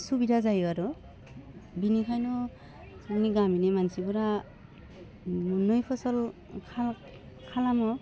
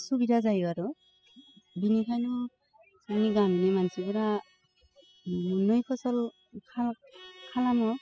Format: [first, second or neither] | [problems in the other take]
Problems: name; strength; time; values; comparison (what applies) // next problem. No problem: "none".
first | noise reduction (classical method spectral subtraction)